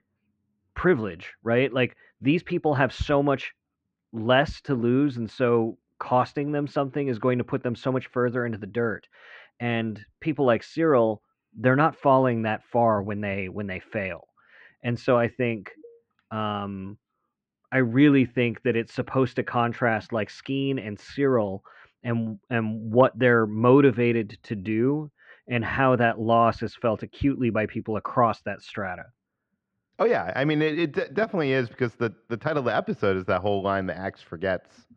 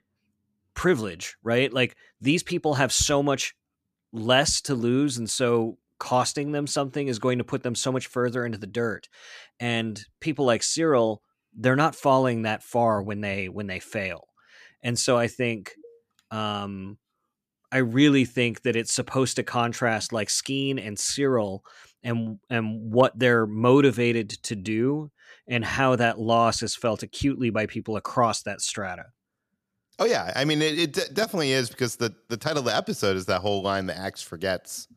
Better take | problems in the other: second | muffled; very; fading above 2.5 kHz

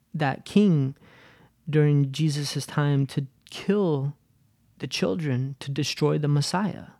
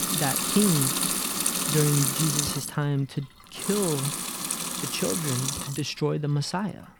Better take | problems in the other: first | household noises; very loud; throughout; 2 dB above the speech

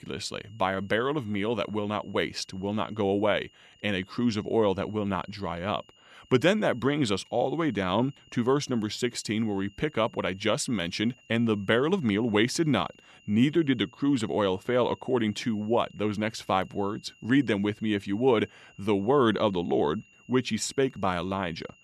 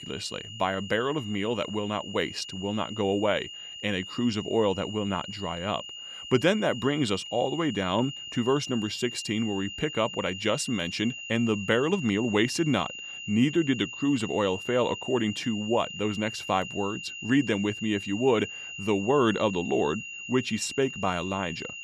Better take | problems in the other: first | high-pitched whine; loud; throughout; 3 kHz, 9 dB below the speech; faint in the first

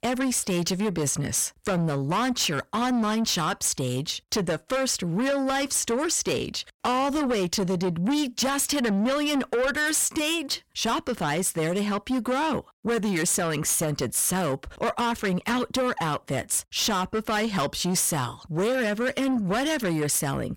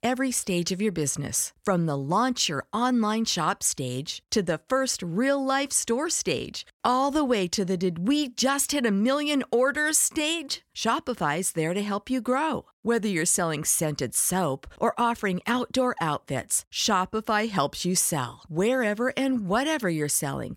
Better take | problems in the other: second | distortion; heavy; 8 dB below the speech

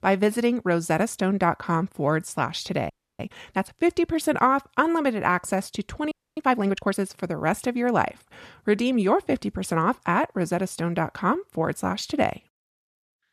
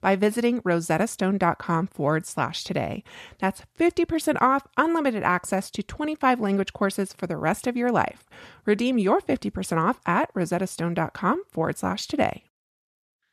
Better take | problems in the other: second | audio freezing; at 3 s and at 6 s

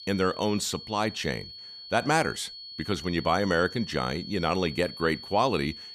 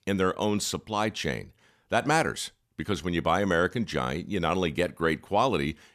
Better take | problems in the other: second | high-pitched whine; noticeable; throughout; 4.5 kHz, 10 dB below the speech

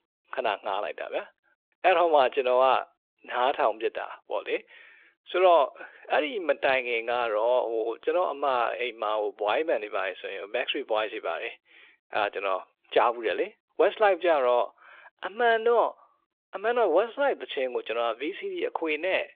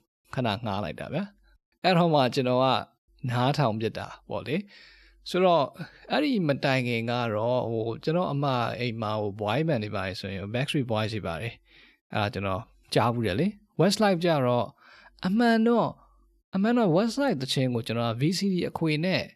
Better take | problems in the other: second | phone-call audio; nothing above 3.5 kHz

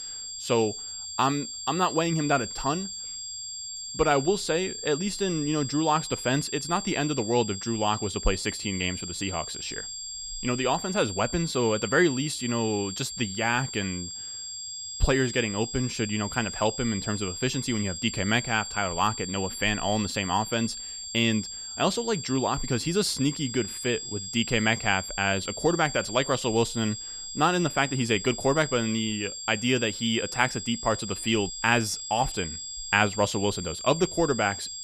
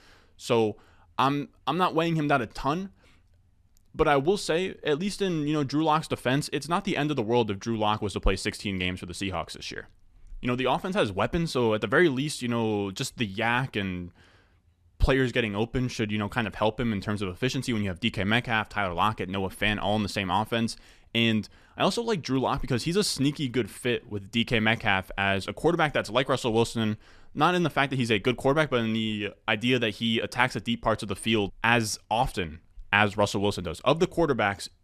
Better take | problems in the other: second | high-pitched whine; loud; throughout; 7.5 kHz, 7 dB below the speech

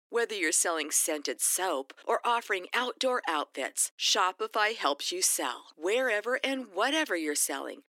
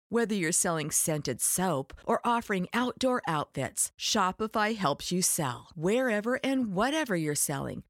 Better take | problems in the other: second | thin; somewhat; fading below 300 Hz

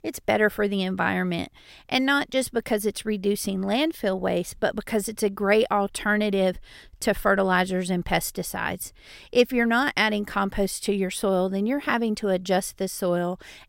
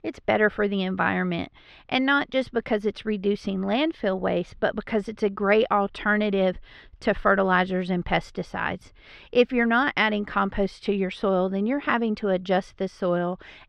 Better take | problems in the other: first | muffled; slightly; fading above 3.5 kHz

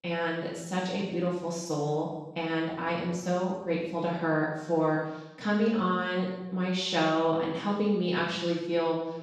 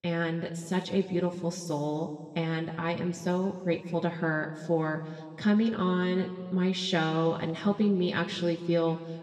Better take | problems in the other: second | room echo; strong; dies away in 0.9 s; slight in the second // off-mic speech; far; somewhat distant in the second

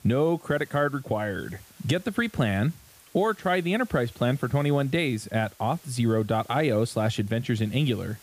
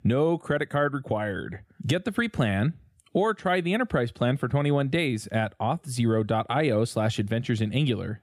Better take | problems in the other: second | hiss; faint; throughout; 25 dB below the speech

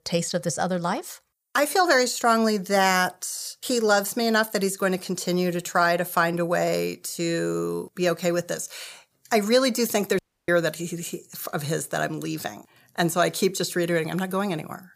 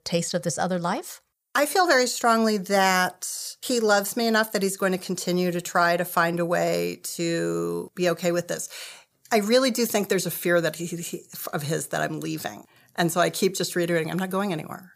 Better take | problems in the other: second | audio cutting out; at 10 s

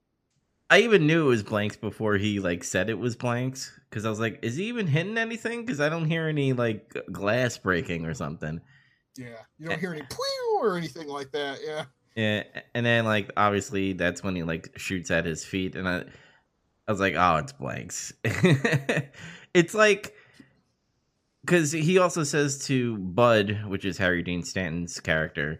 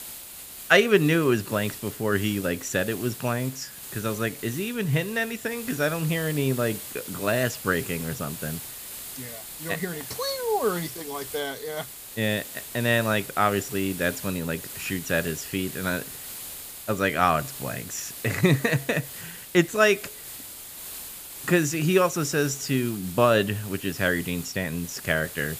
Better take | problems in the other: first | hiss; noticeable; throughout; 10 dB below the speech

